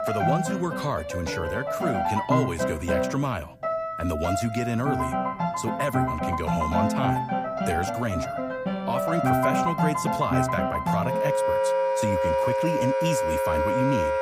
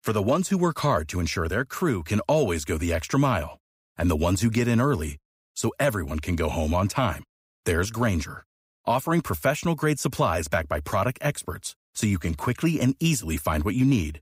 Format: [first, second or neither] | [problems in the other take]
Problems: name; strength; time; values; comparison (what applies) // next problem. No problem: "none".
second | background music; very loud; throughout; 4 dB above the speech